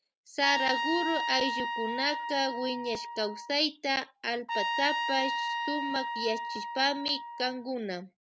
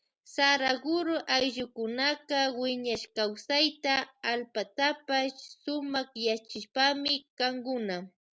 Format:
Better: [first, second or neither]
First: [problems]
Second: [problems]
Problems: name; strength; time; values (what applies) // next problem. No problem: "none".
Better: second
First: background sound (Trumpet); 2 dB below the speech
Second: none